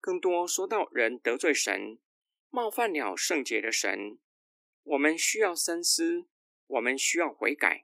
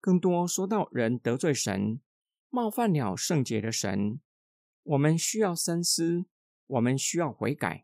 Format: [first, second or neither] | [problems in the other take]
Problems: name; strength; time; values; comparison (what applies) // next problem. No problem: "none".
second | thin; somewhat; fading below 300 Hz